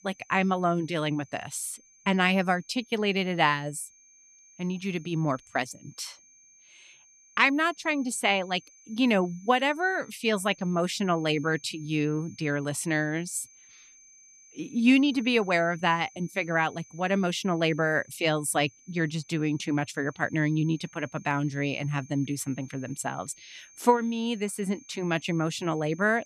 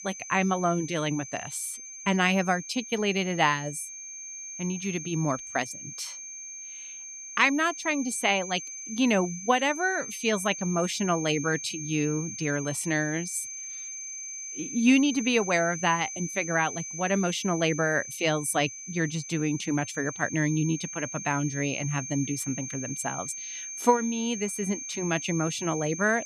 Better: first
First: high-pitched whine; faint; throughout; 6.5 kHz, 25 dB below the speech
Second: high-pitched whine; loud; throughout; 6.5 kHz, 9 dB below the speech

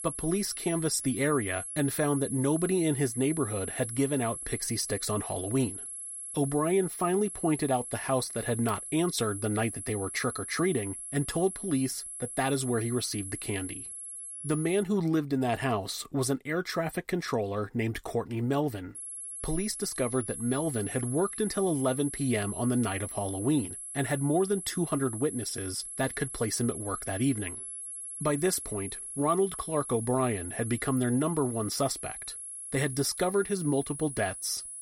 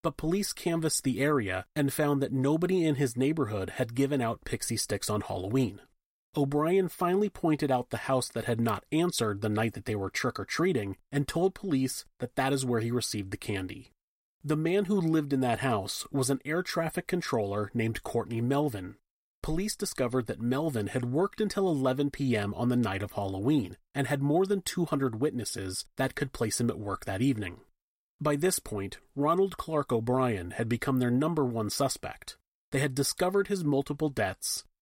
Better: second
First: high-pitched whine; loud; until 15 s and from 19 s on; 11 kHz, 7 dB below the speech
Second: none

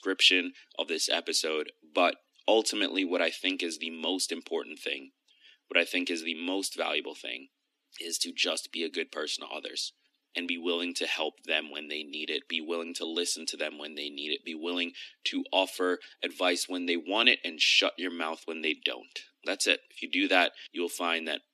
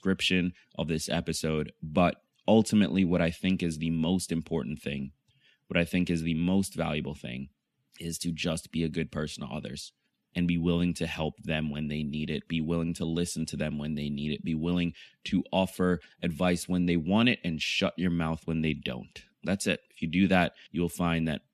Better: second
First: thin; somewhat; fading below 250 Hz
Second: none

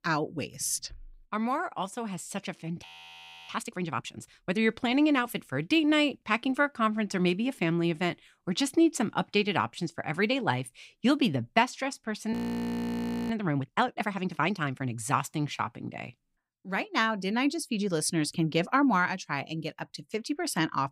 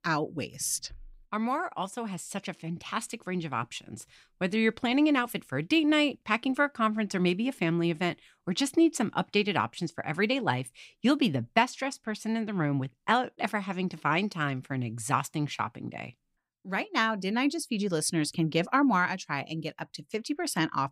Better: second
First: audio freezing; at 3 s for 0.5 s and at 12 s for 1 s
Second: none

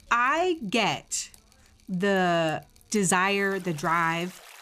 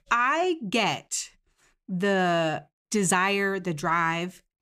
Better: second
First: rain or running water; faint; throughout; 25 dB below the speech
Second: none

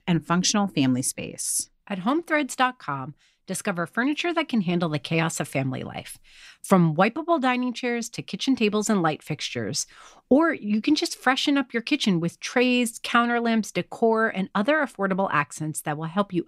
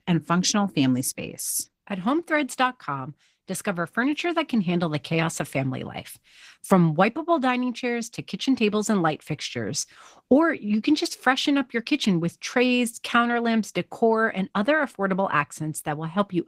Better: first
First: none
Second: garbled, watery; slightly; nothing above 15.5 kHz

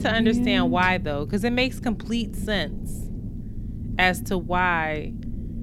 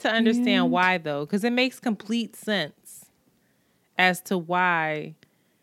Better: second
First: low rumble; noticeable; throughout; 20 dB below the speech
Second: none

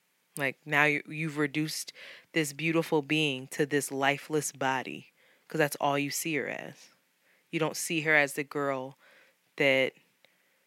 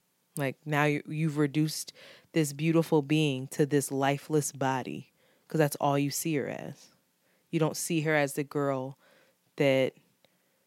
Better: second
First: thin; very slightly; fading below 500 Hz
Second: none

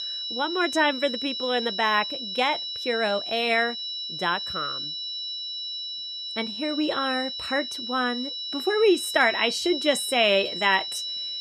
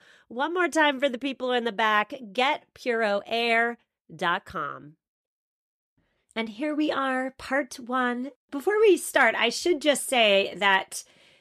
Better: second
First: high-pitched whine; loud; throughout; 4 kHz, 5 dB below the speech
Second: none

